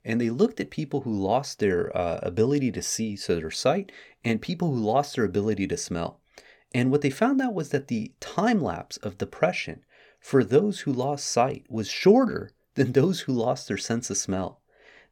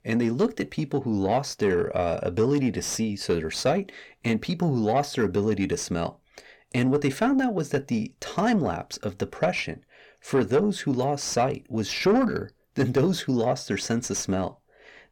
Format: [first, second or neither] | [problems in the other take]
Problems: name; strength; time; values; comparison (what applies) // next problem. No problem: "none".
first | distortion; slight; 10 dB below the speech